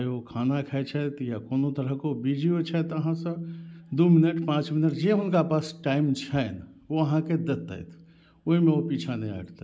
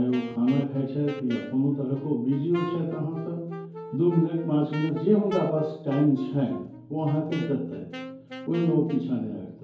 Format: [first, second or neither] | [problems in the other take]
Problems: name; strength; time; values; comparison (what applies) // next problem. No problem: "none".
first | background sound (Wind instrument, woodwind instrument); 13 dB below the speech // room echo; dies away in 2.4 s